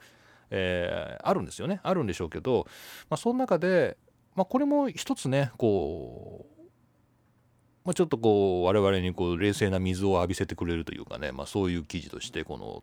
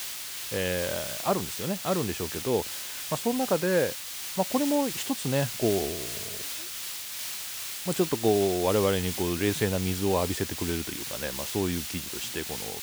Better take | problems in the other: first | hiss; loud; throughout; 4 dB below the speech

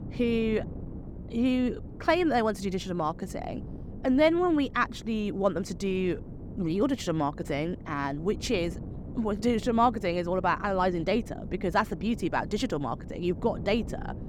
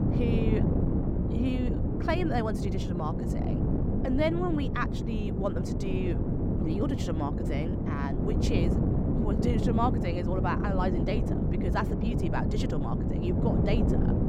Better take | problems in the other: first | wind noise on the microphone; heavy; 2 dB below the speech; occasional gusts in the first

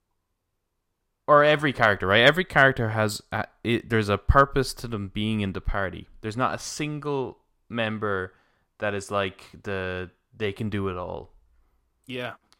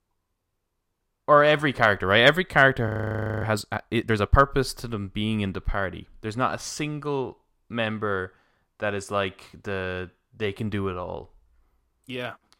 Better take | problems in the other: first | audio freezing; at 3 s for 0.5 s

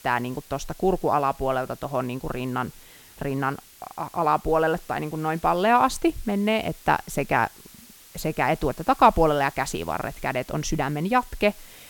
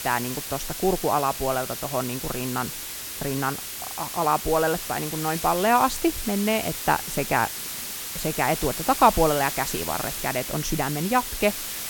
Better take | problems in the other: first | hiss; loud; throughout; 5 dB below the speech; faint in the first

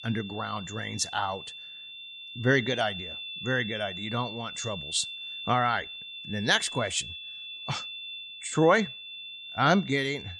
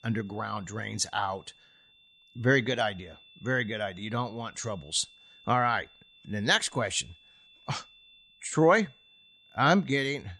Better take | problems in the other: second | high-pitched whine; loud; throughout; 3.5 kHz, 9 dB below the speech; faint in the second

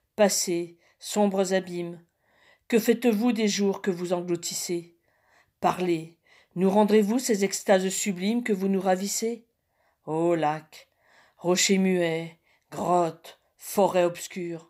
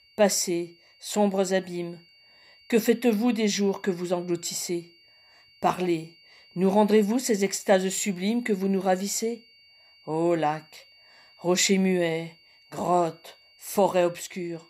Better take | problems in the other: first | high-pitched whine; faint; throughout; 4.5 kHz, 30 dB below the speech

